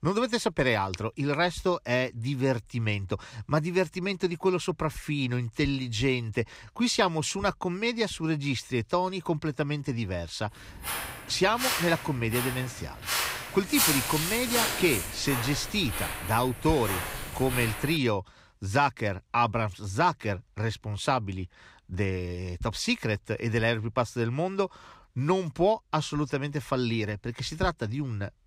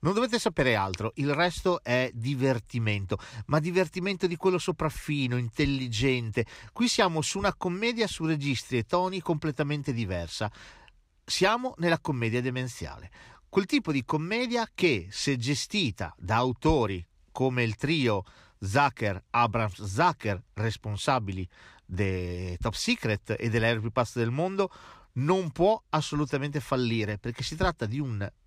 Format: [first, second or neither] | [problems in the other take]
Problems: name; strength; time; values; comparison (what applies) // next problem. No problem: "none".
second | footsteps; loud; from 11 to 18 s; peak 5 dB above the speech